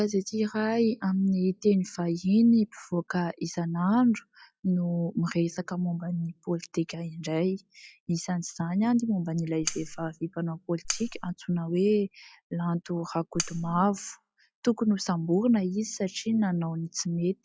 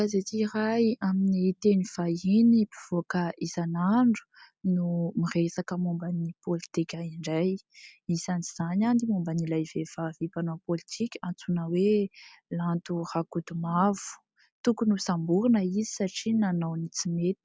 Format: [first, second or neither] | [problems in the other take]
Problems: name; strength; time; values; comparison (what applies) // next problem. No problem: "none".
second | noise reduction (classical method log-MMSE)